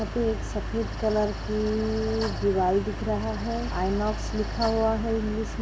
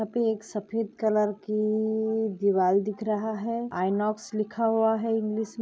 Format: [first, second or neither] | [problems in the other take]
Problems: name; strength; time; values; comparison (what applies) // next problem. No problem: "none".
second | background sound (Mechanical fan); 4 dB below the speech